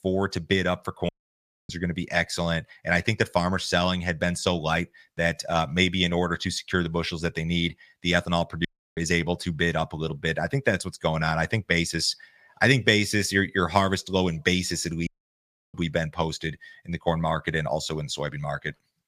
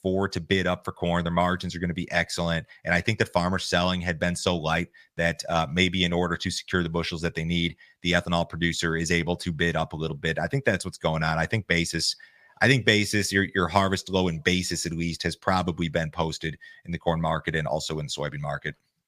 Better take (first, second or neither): second